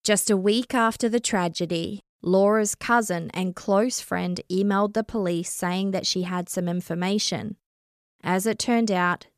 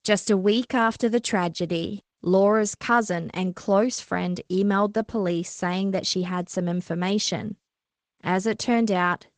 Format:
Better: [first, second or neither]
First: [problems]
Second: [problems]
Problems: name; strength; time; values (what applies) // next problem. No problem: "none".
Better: first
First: none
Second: garbled, watery; slightly; nothing above 8 kHz